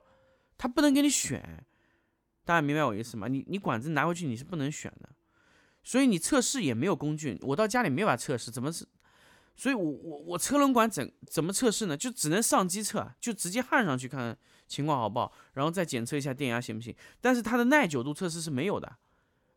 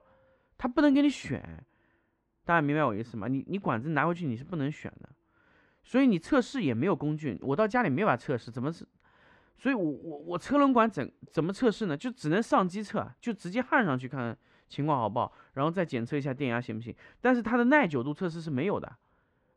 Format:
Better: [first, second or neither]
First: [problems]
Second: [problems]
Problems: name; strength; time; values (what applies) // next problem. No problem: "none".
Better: first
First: none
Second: muffled; very; fading above 2.5 kHz